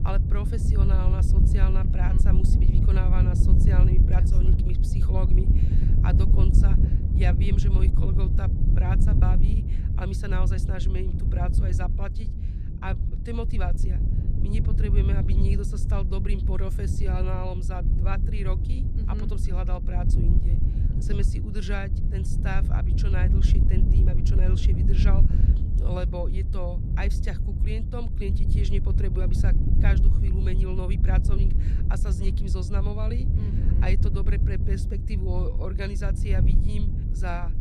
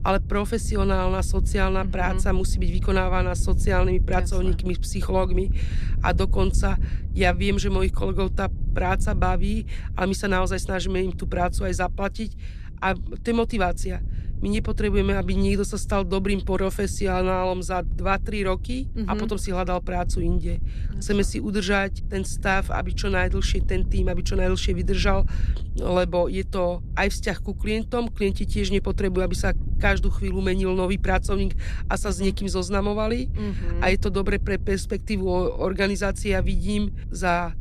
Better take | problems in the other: second | wind noise on the microphone; heavy; 2 dB below the speech; occasional gusts in the second

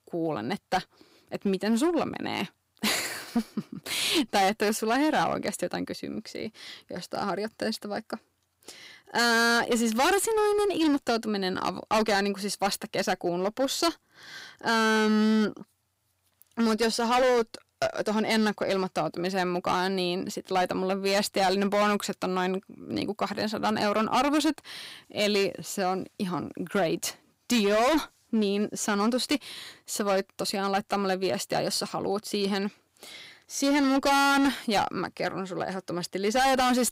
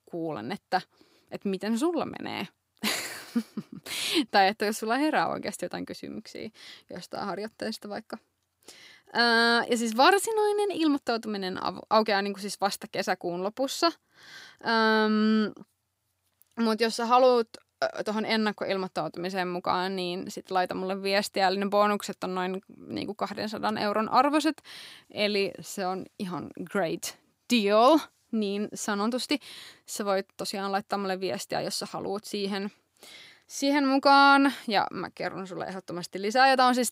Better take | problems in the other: second | distortion; heavy; 11% of the sound clipped

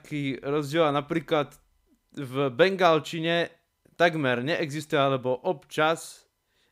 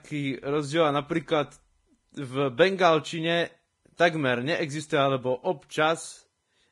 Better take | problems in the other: first | garbled, watery; badly; nothing above 10.5 kHz

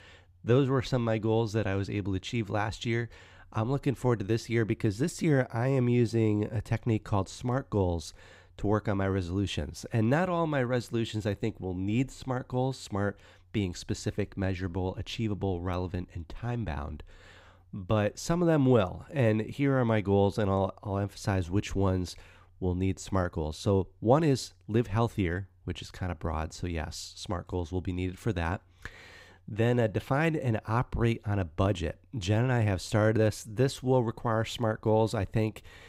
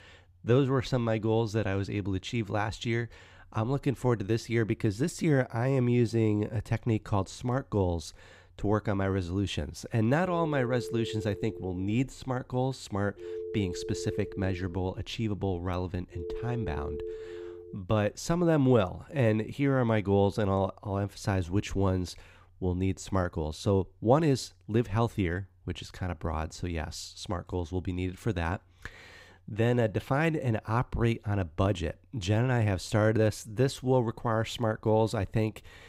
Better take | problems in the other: first | phone ringing; noticeable; from 10 to 18 s; peak 8 dB below the speech

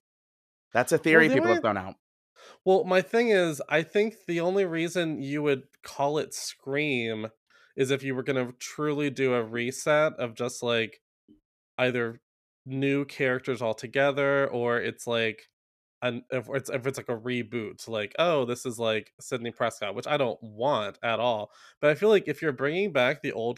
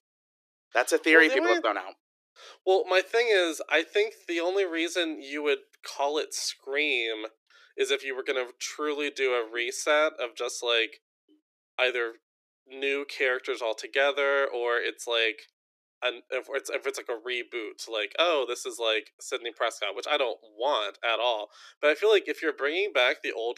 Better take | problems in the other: first | thin; very; fading below 300 Hz

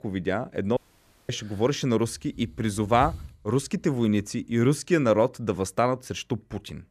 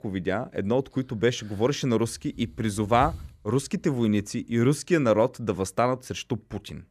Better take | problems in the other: second | audio cutting out; at 1 s for 0.5 s

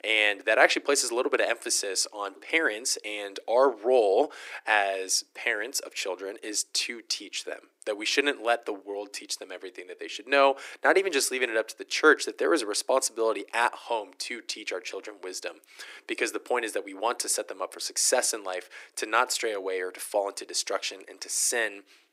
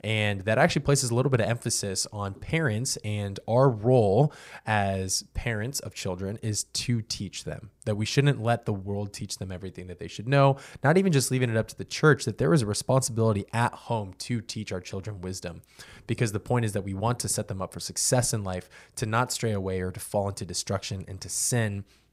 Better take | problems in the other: second | thin; very; fading below 300 Hz

